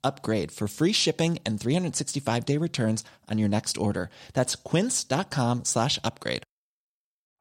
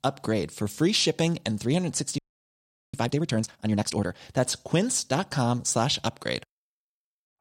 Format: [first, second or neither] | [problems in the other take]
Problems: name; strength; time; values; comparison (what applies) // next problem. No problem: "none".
first | audio freezing; at 2 s for 1 s